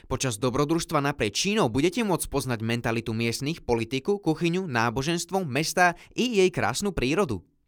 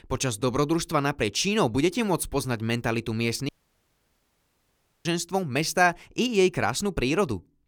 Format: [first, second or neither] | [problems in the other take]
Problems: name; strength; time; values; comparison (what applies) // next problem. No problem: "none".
first | audio cutting out; at 3.5 s for 1.5 s